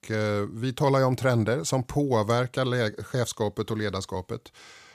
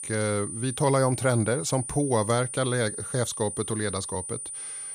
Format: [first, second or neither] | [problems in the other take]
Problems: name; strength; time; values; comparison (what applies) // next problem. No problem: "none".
first | high-pitched whine; loud; throughout; 9.5 kHz, 7 dB below the speech